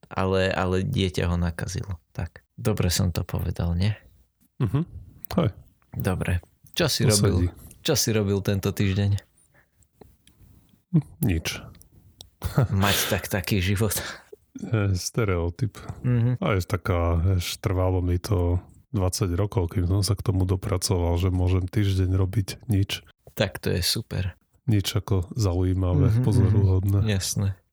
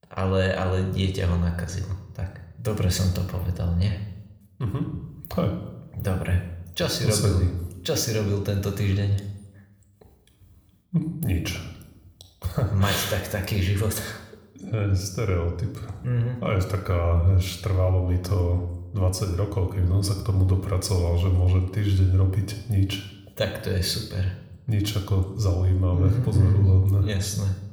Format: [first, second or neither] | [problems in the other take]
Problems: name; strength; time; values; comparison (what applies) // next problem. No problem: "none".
first | room echo; slight; dies away in 0.7 s